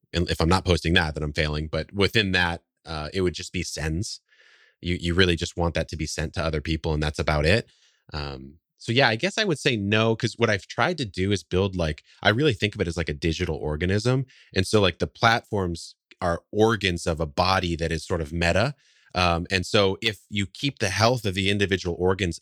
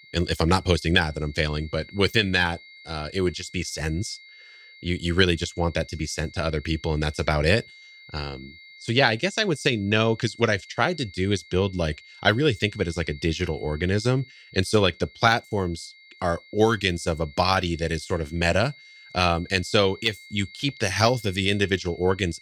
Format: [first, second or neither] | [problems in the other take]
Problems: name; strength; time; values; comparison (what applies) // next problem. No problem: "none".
first | high-pitched whine; faint; throughout; 2 kHz, 20 dB below the speech